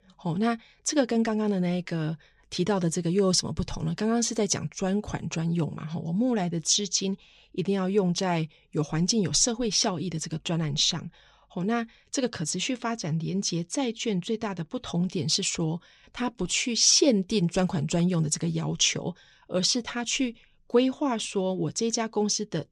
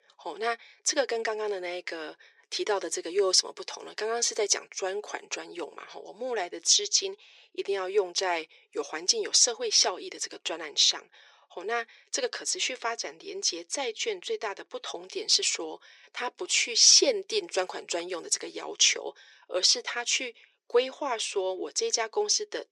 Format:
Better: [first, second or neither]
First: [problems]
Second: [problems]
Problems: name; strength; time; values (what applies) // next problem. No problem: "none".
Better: first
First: none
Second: thin; very; fading below 400 Hz